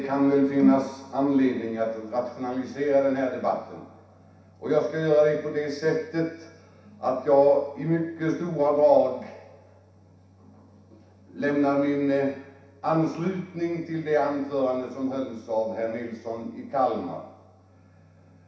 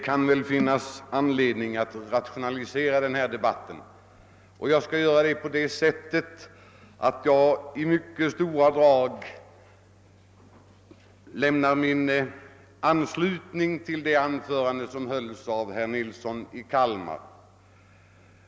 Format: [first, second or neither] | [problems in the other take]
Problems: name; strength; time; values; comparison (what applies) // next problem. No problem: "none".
second | room echo; dies away in 0.7 s